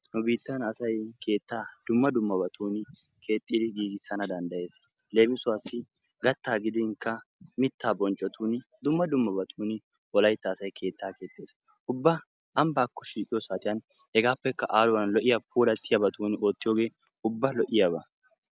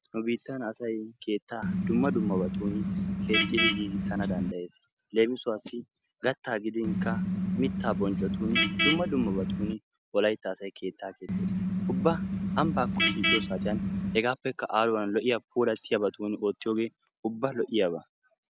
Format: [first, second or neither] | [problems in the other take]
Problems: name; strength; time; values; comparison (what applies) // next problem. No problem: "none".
first | background sound (Vehicle horn, car horn, honking); 2 dB above the speech